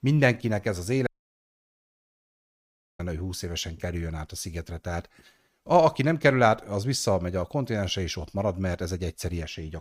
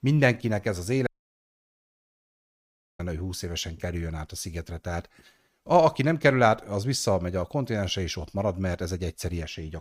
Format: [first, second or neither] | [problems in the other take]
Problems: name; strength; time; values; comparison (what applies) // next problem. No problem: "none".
neither | audio cutting out; at 1 s for 2 s; the same in both